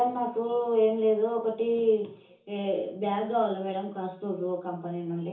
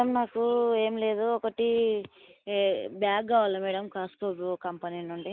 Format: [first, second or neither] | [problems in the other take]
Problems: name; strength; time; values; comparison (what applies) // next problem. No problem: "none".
second | room echo; dies away in 0.7 s